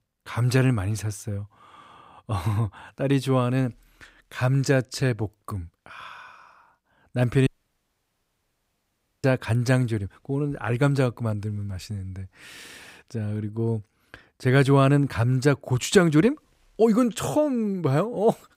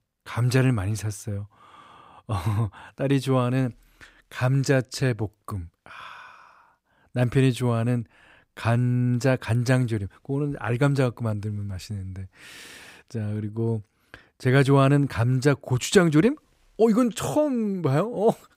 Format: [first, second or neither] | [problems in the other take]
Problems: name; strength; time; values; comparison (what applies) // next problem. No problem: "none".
second | audio cutting out; at 7.5 s for 2 s